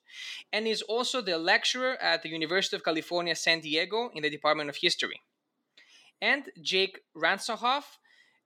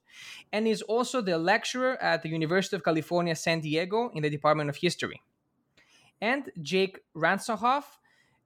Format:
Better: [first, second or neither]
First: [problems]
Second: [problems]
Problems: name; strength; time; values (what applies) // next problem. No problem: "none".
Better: second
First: thin; very slightly; fading below 300 Hz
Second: none